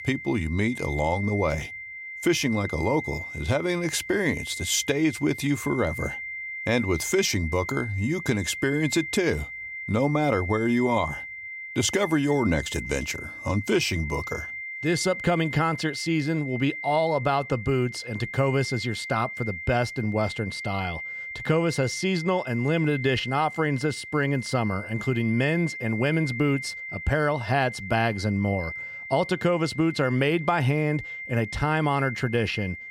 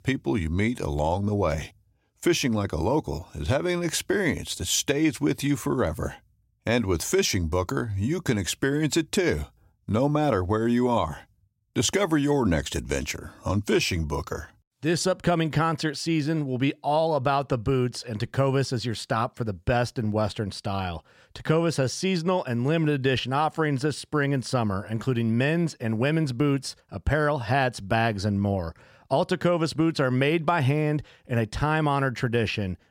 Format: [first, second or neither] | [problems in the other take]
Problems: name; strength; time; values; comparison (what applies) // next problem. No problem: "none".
second | high-pitched whine; loud; throughout; 2 kHz, 9 dB below the speech